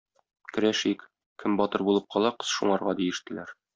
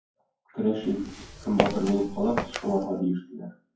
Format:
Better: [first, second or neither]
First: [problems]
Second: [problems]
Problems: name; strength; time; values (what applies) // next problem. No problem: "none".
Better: first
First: none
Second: noise reduction (classical method WPE with log-MMSE)